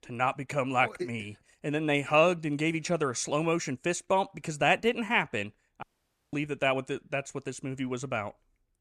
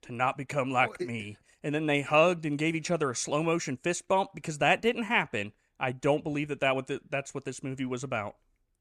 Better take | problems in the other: second | audio cutting out; at 6 s for 0.5 s

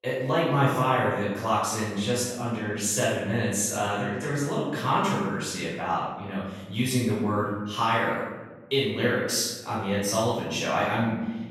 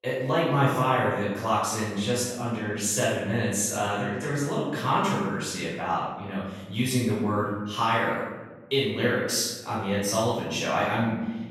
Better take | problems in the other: neither | room echo; noticeable; dies away in 1.1 s; the same in both // off-mic speech; far; the same in both

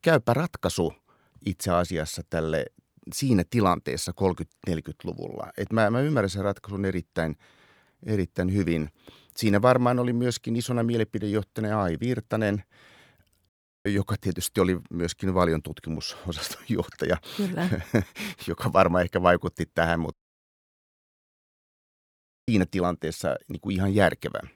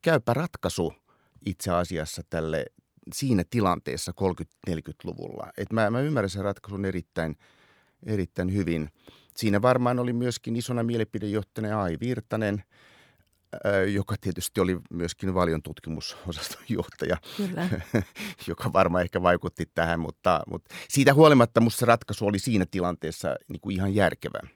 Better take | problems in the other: second | audio cutting out; at 13 s and at 20 s for 2.5 s

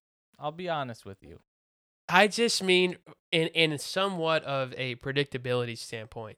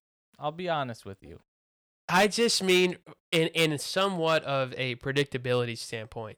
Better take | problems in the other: first | distortion; slight; 1.9% of the sound clipped

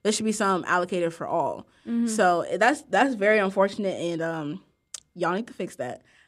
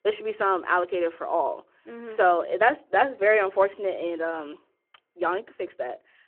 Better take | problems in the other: first | phone-call audio

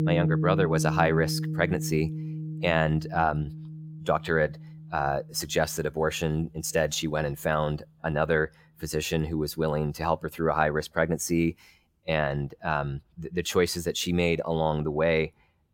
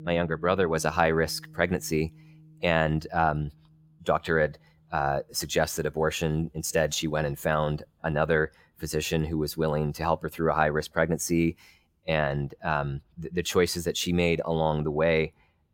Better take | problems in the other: second | background music; loud; throughout; 5 dB below the speech; faint in the second

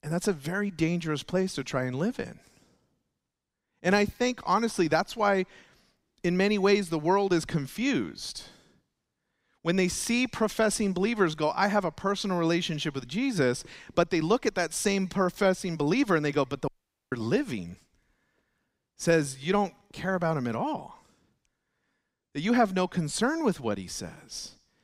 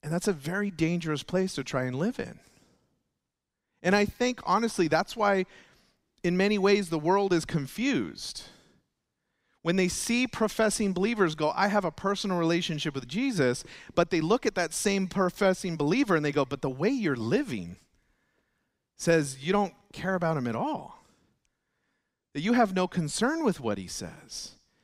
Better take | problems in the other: second | audio cutting out; at 17 s

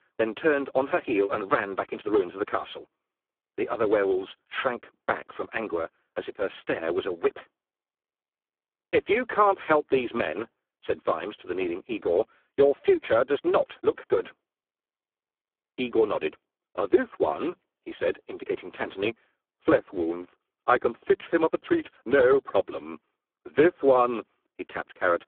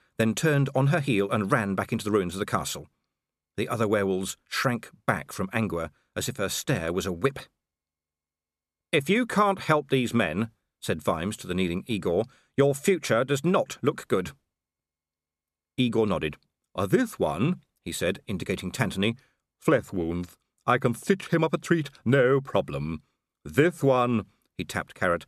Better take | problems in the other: second | phone-call audio; poor line

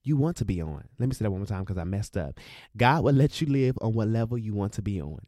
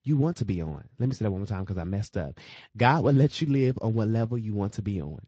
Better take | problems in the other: first | garbled, watery; slightly; nothing above 7.5 kHz

